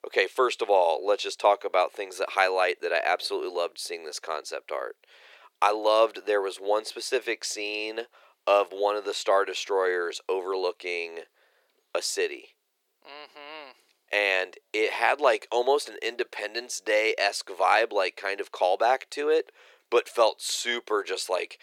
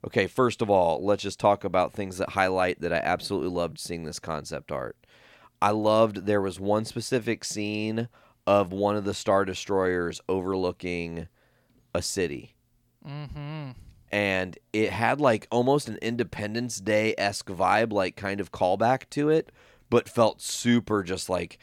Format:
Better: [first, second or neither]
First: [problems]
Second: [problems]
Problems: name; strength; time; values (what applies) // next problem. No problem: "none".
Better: second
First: thin; very; fading below 400 Hz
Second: none